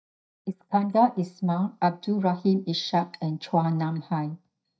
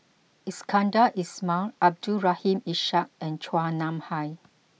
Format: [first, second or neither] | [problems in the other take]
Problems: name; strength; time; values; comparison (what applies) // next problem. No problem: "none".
second | noise reduction (neural mask model DeepFilterNet 3)